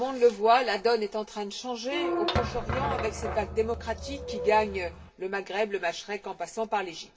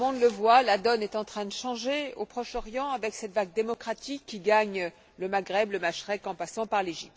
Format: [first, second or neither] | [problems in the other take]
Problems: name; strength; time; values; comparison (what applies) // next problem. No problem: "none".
second | background sound (Squeak / Thump, thud); 4 dB below the speech // room echo; dies away in 0.2 s